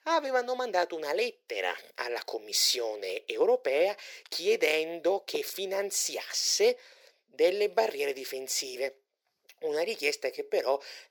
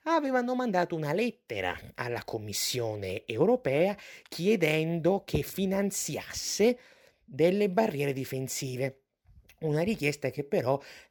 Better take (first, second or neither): second